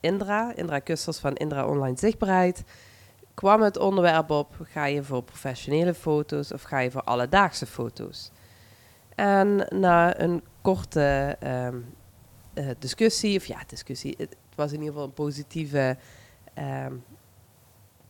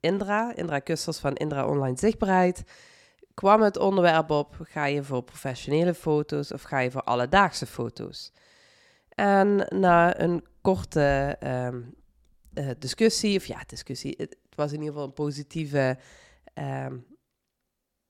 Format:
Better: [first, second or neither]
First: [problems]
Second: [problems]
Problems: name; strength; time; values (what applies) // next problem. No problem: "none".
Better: second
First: hiss; faint; throughout; 30 dB below the speech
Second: none